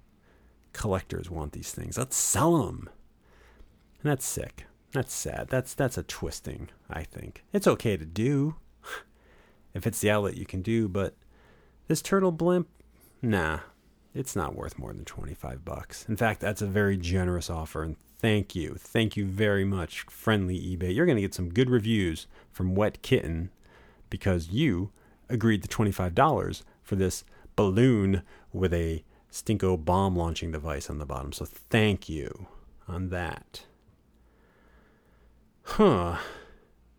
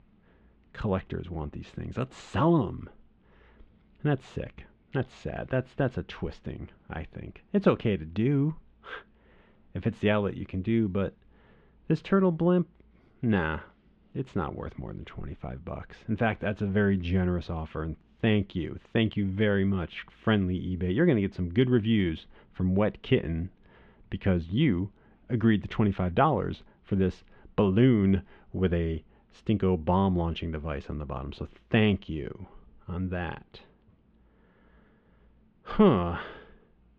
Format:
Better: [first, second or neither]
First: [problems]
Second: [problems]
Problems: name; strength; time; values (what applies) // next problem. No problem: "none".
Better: first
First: none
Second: muffled; very; fading above 3 kHz